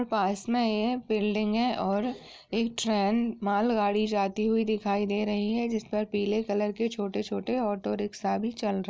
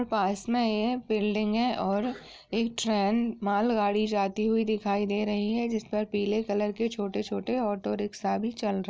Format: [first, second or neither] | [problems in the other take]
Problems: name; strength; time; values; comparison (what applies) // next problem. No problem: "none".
second | noise reduction (neural mask model Resemble Enhance denoiser)